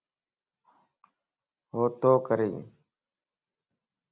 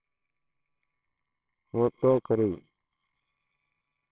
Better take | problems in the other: first | noise reduction (neural separator model SepFormer WHAMR!)

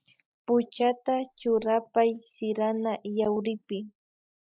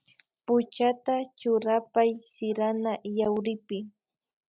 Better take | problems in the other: second | noise reduction (neural mask model Resemble Enhance denoiser)

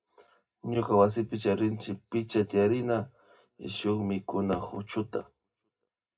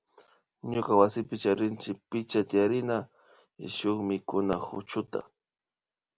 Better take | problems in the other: second | room echo; dies away in 0.2 s

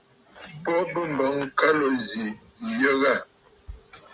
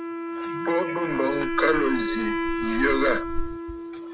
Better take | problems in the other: first | background sound (Wind instrument, woodwind instrument + Wind); as loud as the speech

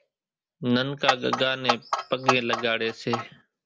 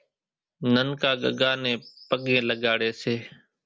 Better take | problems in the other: second | background sound (Clock); 1 dB below the speech

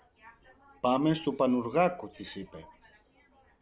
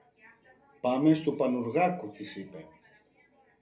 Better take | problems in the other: first | room echo; dies away in 0.3 s

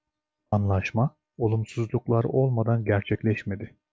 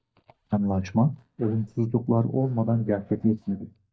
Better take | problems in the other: first | noise reduction (neural mask model DeepFilterNet 3)

